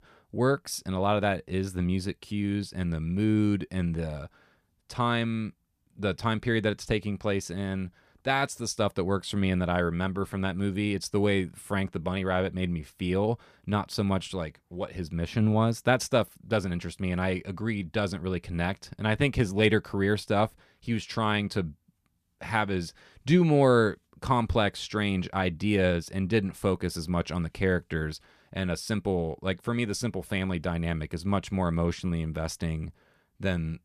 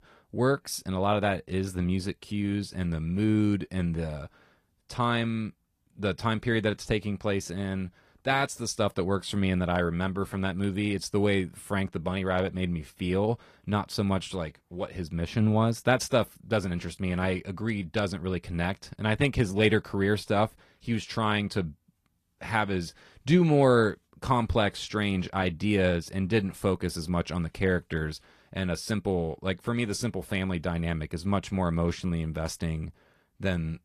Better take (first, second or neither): first